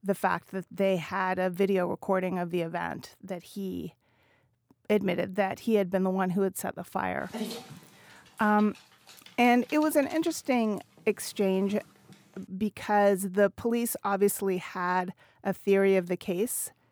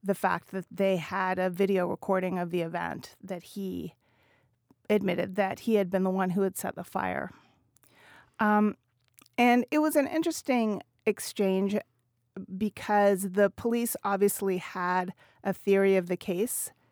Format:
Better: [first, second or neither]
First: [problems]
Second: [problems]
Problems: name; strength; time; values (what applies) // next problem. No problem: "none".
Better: second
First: dog barking; noticeable; from 7.5 to 12 s; peak 8 dB below the speech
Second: none